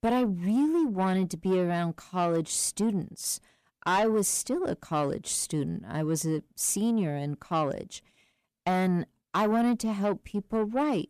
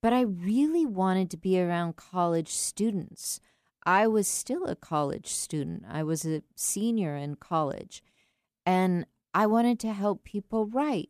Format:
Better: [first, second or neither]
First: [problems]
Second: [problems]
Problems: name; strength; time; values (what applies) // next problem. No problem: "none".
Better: second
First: distortion; slight; 10 dB below the speech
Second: none